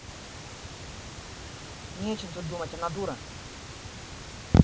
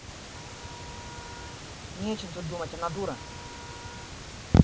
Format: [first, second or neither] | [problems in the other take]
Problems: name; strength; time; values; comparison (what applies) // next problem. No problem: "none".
first | background sound (Wind instrument, woodwind instrument); 19 dB below the speech